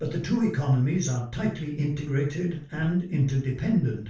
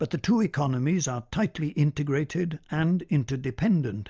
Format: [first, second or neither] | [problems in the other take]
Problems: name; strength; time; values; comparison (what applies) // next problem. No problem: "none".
second | room echo; dies away in 0.3 s